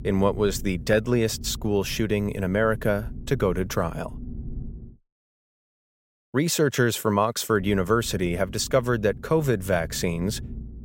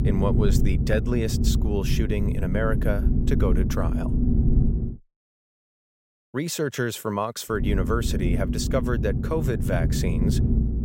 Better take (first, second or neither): first